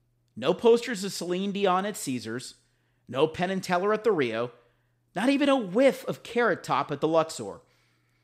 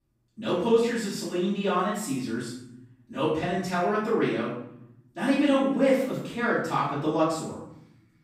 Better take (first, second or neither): first